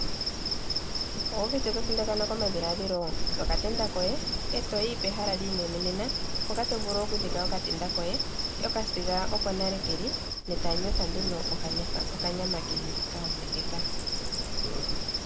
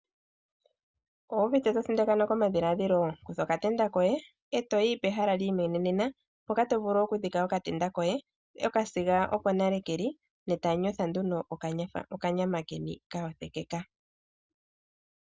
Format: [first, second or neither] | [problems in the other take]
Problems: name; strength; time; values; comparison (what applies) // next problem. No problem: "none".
second | background sound (Insect); 4 dB above the speech